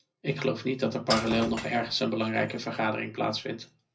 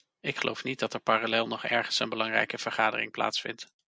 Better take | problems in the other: second | background sound (Shatter / Crushing); 10 dB below the speech // room echo; dies away in 0.4 s

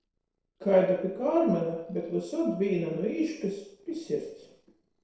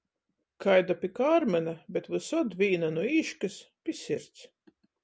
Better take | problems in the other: second | noise reduction (neural separator model SepFormer DNS4)

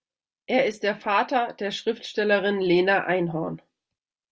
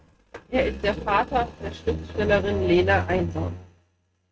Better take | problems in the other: first | noise reduction (neural mask model RNNoise)

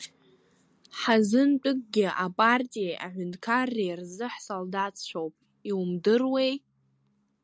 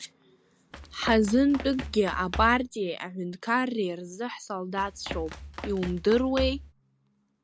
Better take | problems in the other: first | background sound (Run); 9 dB below the speech

